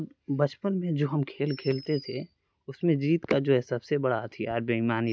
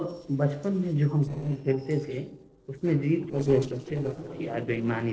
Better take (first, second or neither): first